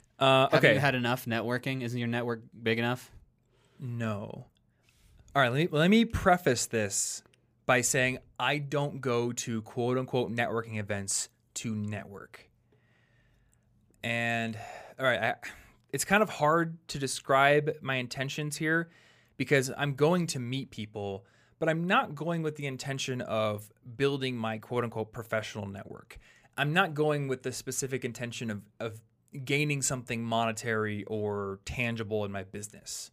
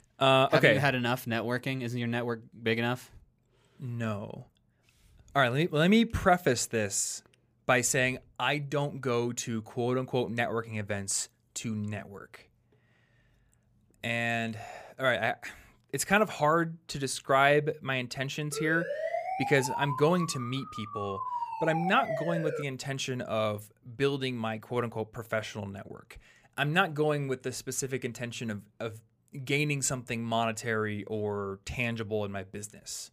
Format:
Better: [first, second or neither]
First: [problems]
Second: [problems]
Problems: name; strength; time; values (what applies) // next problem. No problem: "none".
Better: first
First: none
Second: siren; noticeable; from 19 to 23 s; peak 3 dB below the speech